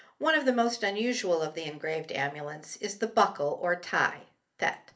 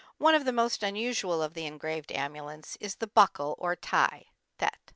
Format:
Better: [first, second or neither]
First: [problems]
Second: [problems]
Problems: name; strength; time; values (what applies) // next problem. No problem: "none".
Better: second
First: room echo; dies away in 0.3 s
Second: none